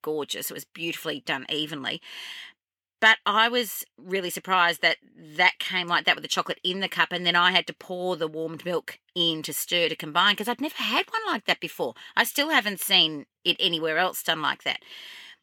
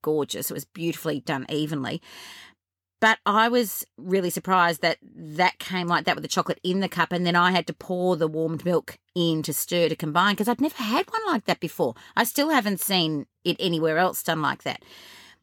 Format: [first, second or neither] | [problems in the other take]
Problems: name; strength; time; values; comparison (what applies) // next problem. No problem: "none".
second | thin; very slightly; fading below 350 Hz